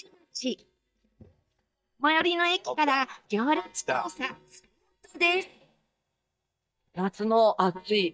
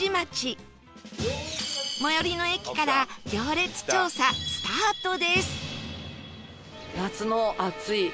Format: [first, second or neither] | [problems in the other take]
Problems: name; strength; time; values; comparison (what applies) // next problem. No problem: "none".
second | noise reduction (neural mask model DeepFilterNet 3)